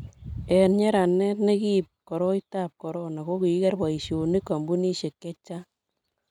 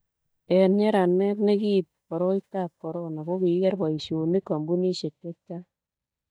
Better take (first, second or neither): first